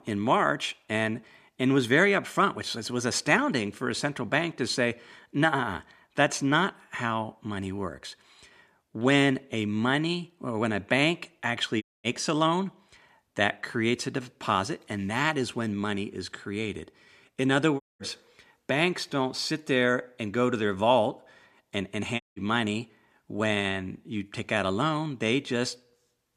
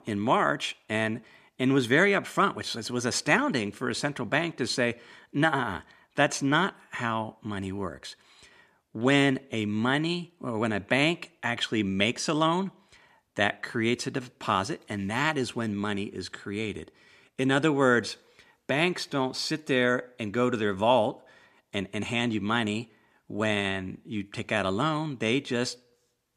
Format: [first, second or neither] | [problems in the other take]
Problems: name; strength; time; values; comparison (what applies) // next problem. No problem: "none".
second | audio cutting out; at 12 s, at 18 s and at 22 s